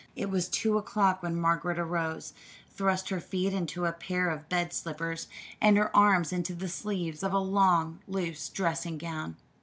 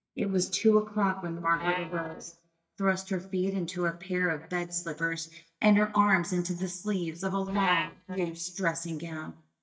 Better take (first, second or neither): first